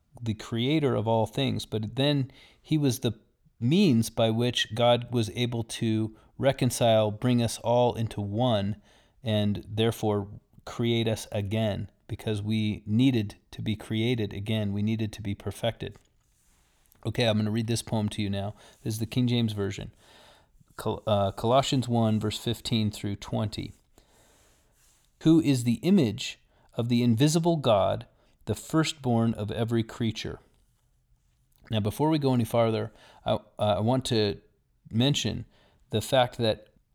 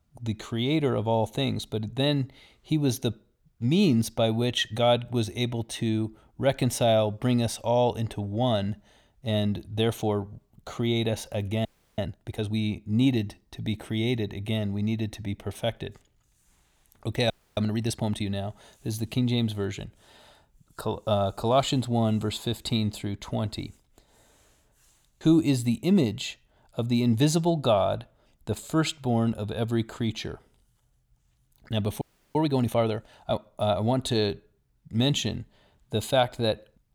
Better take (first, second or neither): first